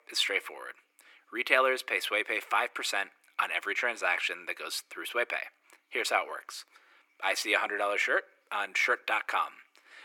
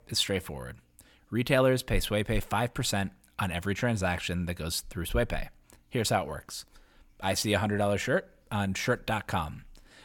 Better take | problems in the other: second | thin; very; fading below 350 Hz

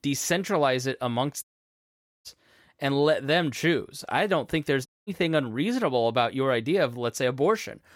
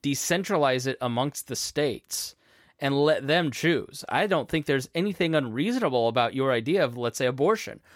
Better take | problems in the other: second | audio cutting out; at 1.5 s for 1 s and at 5 s

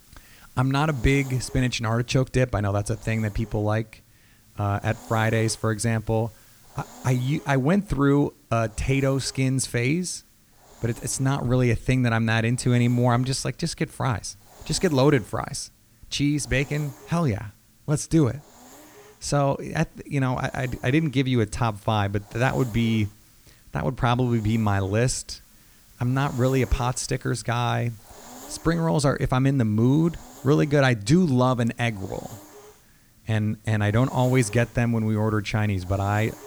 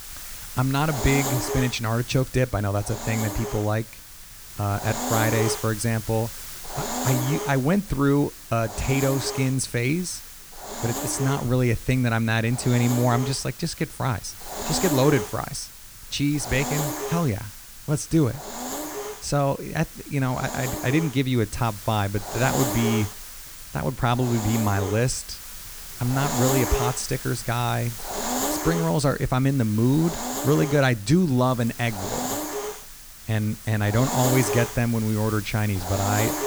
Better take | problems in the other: first | hiss; loud; throughout; 7 dB below the speech; faint in the first

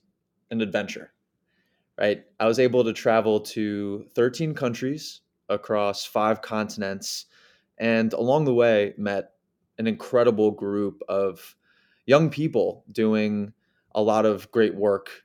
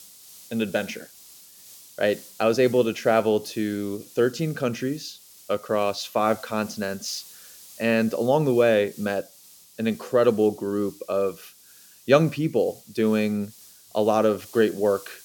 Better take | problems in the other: first | hiss; faint; throughout; 20 dB below the speech

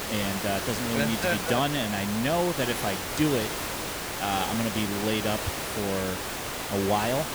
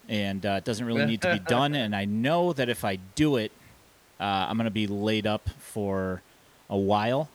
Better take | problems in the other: second | hiss; loud; throughout; 2 dB below the speech; faint in the second

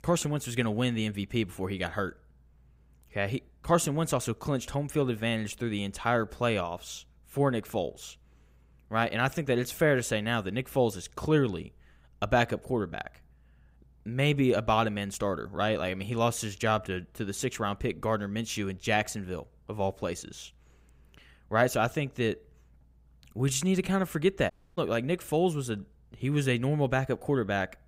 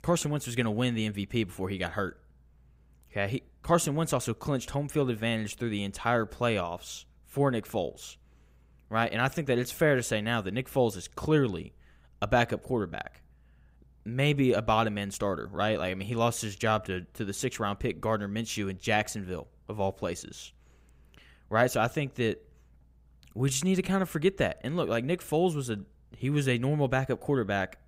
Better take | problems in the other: second | audio cutting out; at 25 s

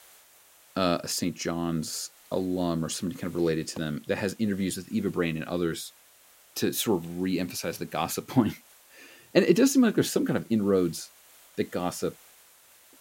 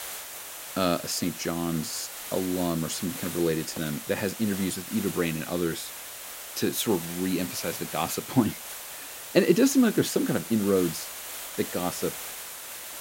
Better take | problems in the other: first | hiss; loud; throughout; 8 dB below the speech; faint in the first

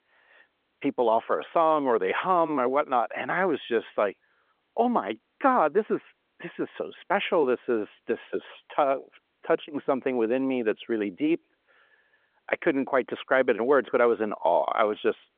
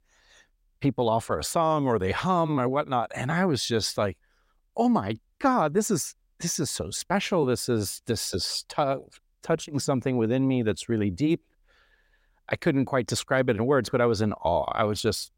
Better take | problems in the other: second | phone-call audio; nothing above 3.5 kHz

